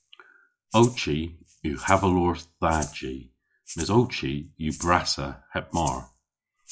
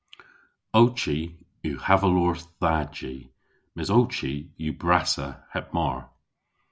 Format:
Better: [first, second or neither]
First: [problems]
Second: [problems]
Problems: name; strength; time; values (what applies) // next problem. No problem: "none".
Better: second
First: noise reduction (classical method log-MMSE)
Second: none